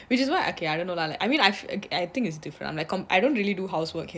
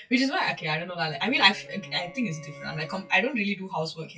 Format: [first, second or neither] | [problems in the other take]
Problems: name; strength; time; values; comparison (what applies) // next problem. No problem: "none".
first | noise reduction (classical method WPE with log-MMSE)